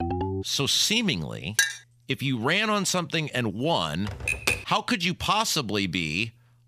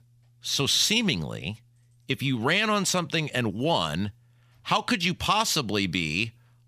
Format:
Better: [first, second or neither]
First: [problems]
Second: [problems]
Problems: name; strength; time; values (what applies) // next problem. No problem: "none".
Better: second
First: phone ringing; noticeable; at the start; peak 4 dB below the speech // clattering dishes; loud; at 1.5 s; peak 1 dB above the speech // keyboard typing; loud; at 4 s; peak level with the speech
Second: none